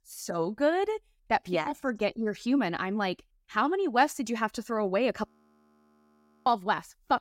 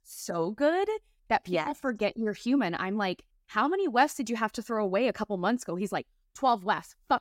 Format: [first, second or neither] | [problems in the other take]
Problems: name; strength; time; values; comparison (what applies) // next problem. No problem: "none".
second | audio freezing; at 5.5 s for 1 s